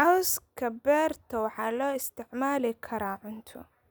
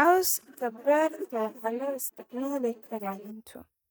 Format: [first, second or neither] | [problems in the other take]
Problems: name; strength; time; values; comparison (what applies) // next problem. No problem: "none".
first | noise reduction (neural mask model DeepFilterNet 3)